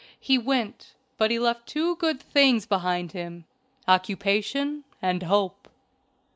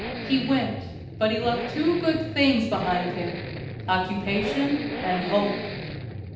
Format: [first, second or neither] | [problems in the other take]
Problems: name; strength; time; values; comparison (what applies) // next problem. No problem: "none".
first | background sound (Accelerating, revving, vroom); 7 dB below the speech // room echo; dies away in 0.8 s